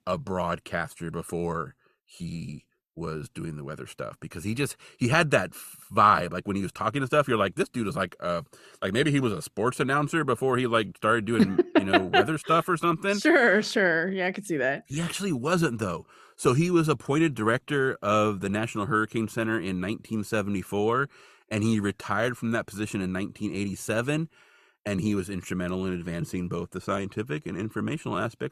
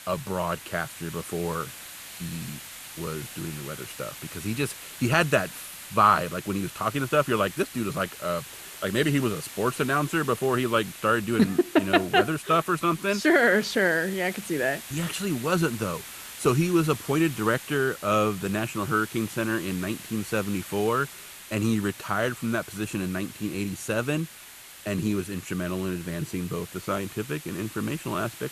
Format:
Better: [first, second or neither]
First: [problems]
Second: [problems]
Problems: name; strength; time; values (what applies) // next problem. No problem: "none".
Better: first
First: none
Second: hiss; noticeable; throughout; 15 dB below the speech